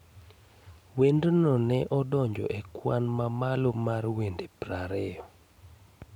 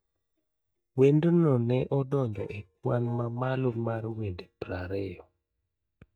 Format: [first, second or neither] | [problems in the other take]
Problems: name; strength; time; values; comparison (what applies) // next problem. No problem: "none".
first | noise reduction (neural mask model DeepFilterNet 3)